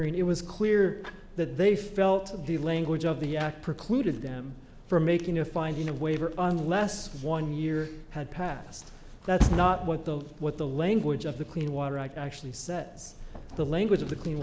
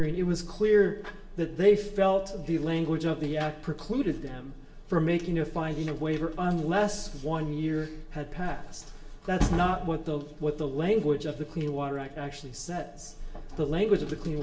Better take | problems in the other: first | room echo; dies away in 0.2 s

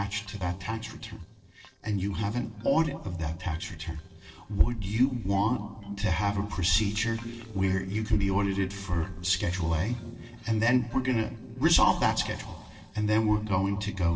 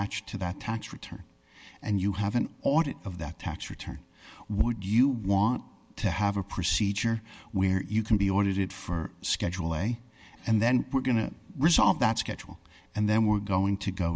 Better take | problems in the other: second | noise reduction (neural separator model SepFormer DNS4)

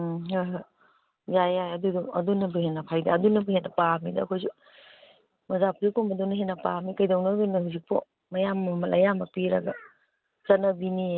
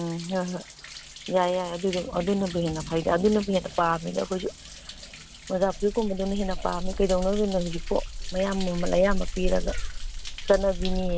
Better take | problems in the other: first | background sound (Thunder); 5 dB below the speech

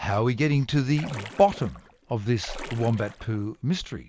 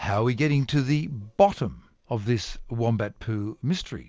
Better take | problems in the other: second | background sound (Splash, splatter); 17 dB below the speech

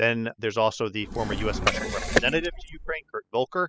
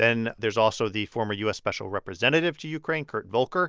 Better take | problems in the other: second | noise reduction (classical method spectral subtraction)

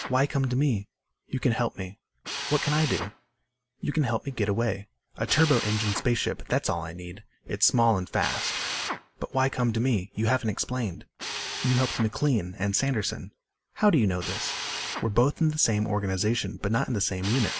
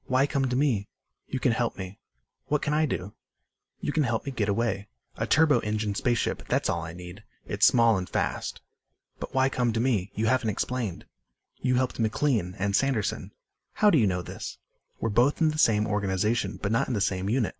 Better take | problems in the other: second | background sound (Drill); 11 dB below the speech

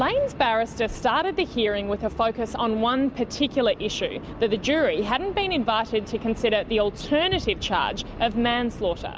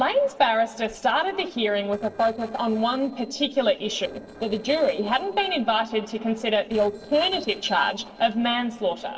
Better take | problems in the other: first | noise reduction (neural separator model SepFormer DNS4)

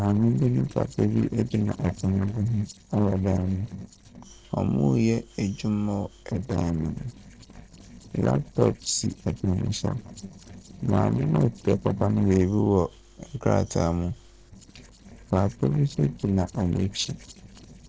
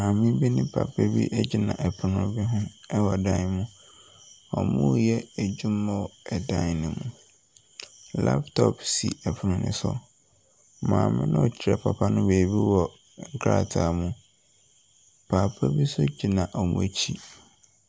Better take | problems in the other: second | noise reduction (neural separator model SepFormer DNS4)

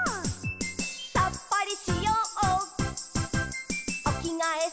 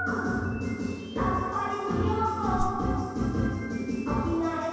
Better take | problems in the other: first | background sound (Whoosh, swoosh, swish); 4 dB below the speech // room echo; dies away in 2.2 s

